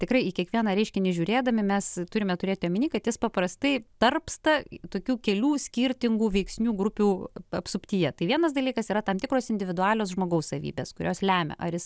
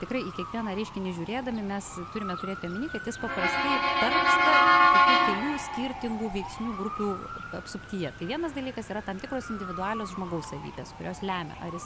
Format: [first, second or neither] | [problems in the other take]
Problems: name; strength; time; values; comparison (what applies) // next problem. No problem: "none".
first | background sound (Motor vehicle (road) / Siren); 5 dB above the speech